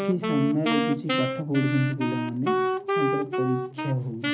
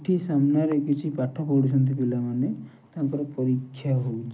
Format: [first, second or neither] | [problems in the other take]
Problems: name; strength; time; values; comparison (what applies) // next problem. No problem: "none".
second | background sound (Wind instrument, woodwind instrument); as loud as the speech